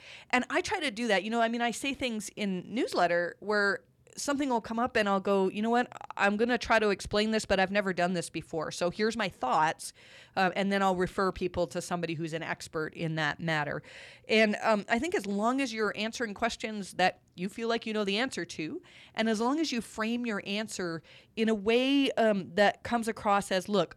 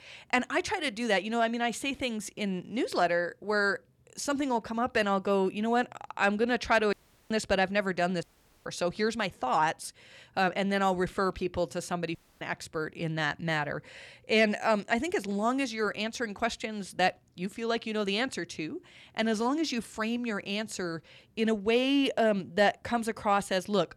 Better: first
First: none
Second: audio cutting out; at 7 s, at 8 s and at 12 s

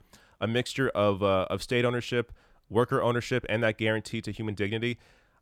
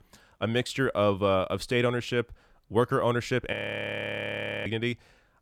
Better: first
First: none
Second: audio freezing; at 3.5 s for 1 s

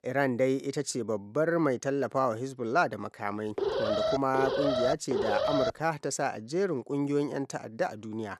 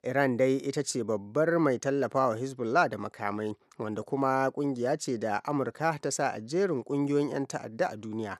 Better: second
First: alarm; loud; from 3.5 to 5.5 s; peak 2 dB above the speech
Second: none

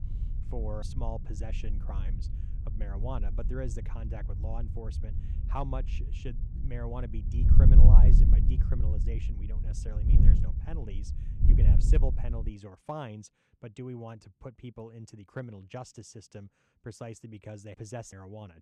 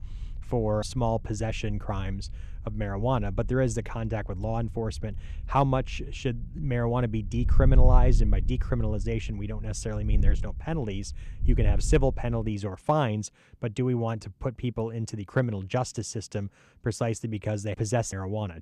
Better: second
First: wind noise on the microphone; heavy; until 13 s; 2 dB below the speech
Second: wind noise on the microphone; occasional gusts; until 13 s; 20 dB below the speech

